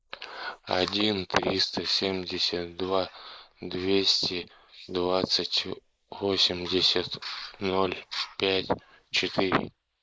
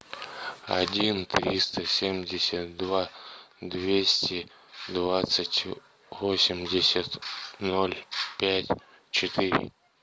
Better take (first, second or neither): second